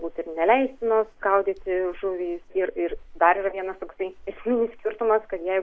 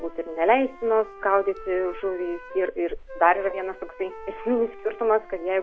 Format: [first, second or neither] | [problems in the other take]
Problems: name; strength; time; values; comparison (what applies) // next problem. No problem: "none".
first | background sound (Wind instrument, woodwind instrument); 17 dB below the speech